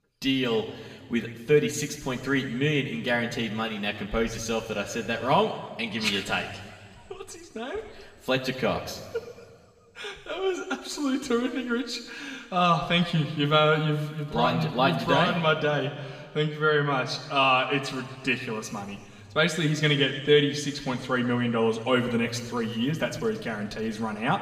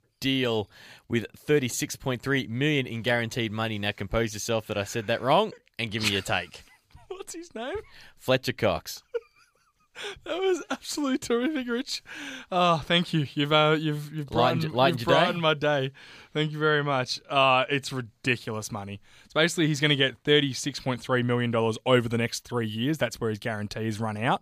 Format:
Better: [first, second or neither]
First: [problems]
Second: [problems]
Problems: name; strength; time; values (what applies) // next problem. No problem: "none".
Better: second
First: room echo; slight; dies away in 1.9 s // off-mic speech; somewhat distant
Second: none